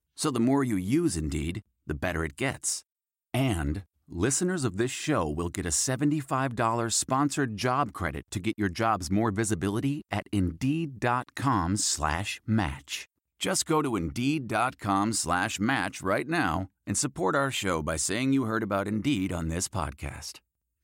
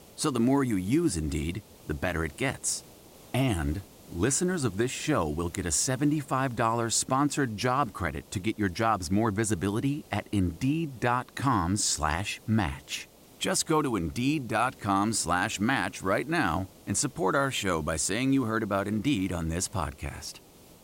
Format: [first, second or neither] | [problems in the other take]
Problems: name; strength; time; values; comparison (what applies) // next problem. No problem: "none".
first | hiss; faint; throughout; 25 dB below the speech